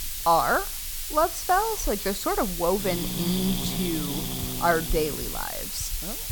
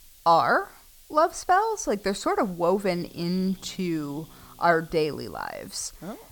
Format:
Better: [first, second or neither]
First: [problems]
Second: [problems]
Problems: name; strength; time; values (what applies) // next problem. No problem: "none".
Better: second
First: hiss; loud; throughout; 3 dB below the speech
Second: hiss; faint; throughout; 25 dB below the speech